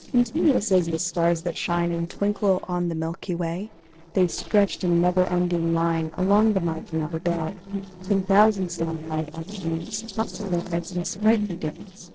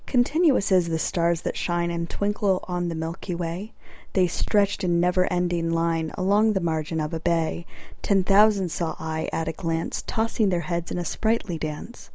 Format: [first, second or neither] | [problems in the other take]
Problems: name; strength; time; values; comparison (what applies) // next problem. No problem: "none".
second | noise reduction (neural separator model SepFormer DNS4)